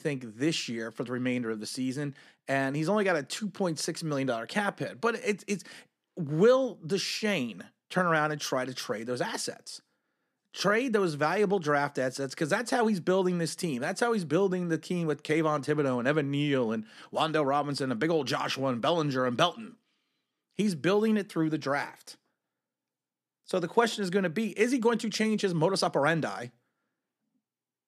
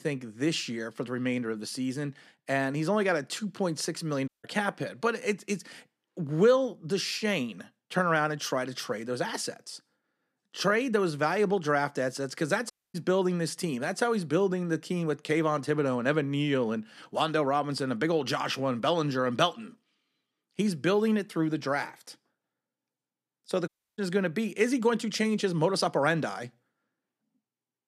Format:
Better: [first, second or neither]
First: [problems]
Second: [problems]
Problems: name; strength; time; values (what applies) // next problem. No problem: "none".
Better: first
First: none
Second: audio cutting out; at 4.5 s, at 13 s and at 24 s